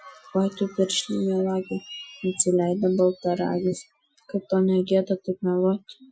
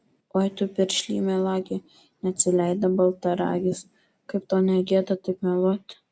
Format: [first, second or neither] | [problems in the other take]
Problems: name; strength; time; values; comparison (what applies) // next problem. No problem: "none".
second | noise reduction (classical method Wiener filter)